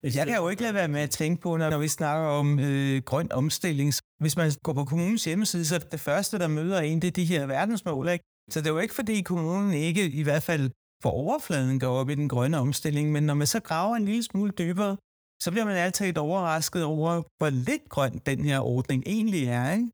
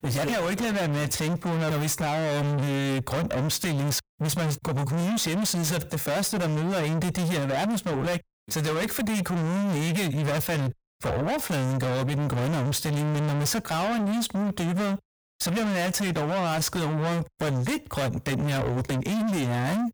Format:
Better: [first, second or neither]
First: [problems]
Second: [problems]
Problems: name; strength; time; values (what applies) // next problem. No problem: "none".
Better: first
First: none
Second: distortion; heavy; 6 dB below the speech